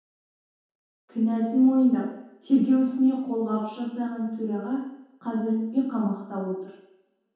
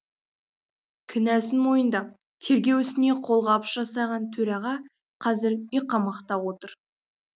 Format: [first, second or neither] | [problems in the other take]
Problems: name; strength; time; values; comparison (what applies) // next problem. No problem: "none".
second | room echo; dies away in 0.8 s